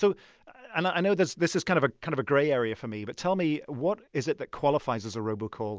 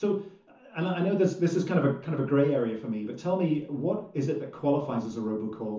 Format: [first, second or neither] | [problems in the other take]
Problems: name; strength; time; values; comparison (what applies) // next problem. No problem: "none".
first | room echo; dies away in 0.9 s